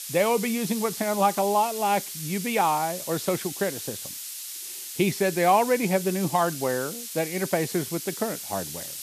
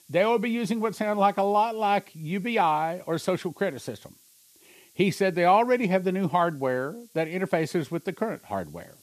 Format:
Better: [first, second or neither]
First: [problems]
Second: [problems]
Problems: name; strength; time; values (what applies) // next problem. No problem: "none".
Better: second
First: hiss; loud; throughout; 8 dB below the speech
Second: hiss; faint; throughout; 30 dB below the speech